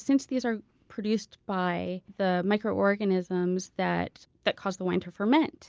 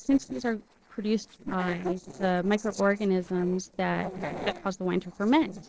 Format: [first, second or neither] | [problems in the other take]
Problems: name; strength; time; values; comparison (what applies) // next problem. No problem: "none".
first | noise reduction (neural separator model SepFormer DNS4)